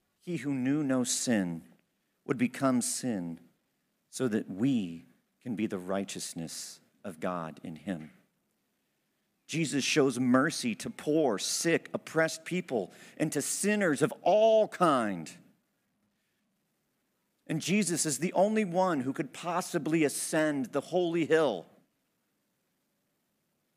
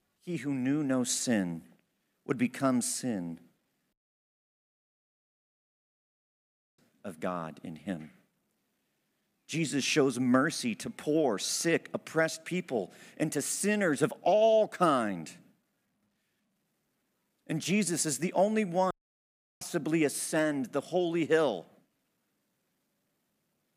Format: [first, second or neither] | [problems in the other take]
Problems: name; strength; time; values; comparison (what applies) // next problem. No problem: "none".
first | audio cutting out; at 4 s for 3 s and at 19 s for 0.5 s